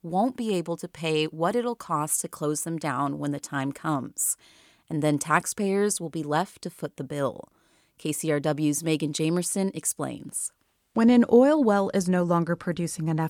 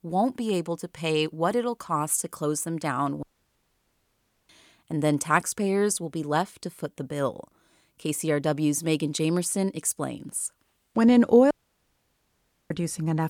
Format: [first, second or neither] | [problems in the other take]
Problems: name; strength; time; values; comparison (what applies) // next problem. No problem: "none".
first | audio cutting out; at 3 s for 1.5 s and at 12 s for 1 s